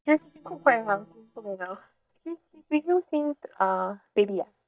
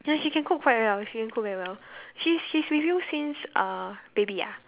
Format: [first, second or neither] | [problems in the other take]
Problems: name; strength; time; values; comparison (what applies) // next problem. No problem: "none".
second | noise reduction (neural mask model DeepFilterNet 3)